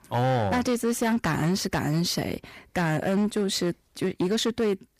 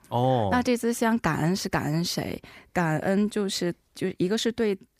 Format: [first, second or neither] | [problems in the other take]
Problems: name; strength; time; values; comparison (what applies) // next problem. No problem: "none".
second | distortion; slight; 11% of the sound clipped